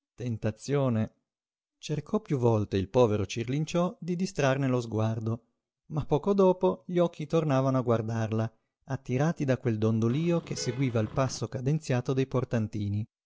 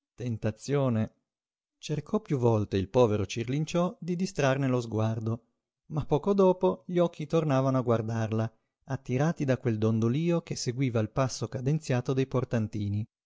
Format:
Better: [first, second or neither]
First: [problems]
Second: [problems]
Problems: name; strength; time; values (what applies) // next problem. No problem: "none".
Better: second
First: background sound (Vehicle horn, car horn, honking); 16 dB below the speech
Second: none